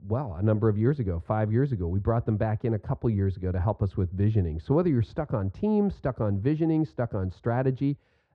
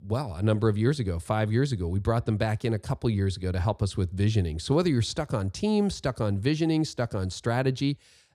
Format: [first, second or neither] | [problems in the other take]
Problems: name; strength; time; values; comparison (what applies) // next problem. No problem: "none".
second | muffled; very; fading above 4 kHz